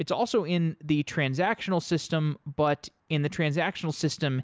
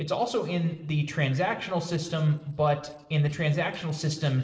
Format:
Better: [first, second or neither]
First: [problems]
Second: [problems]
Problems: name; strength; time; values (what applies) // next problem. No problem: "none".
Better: first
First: none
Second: noise reduction (neural separator model SepFormer DNS4)